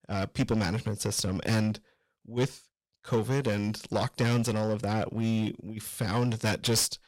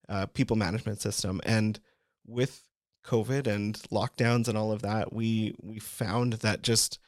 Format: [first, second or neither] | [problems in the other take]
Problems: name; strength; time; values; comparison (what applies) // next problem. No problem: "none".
second | distortion; slight; 8% of the sound clipped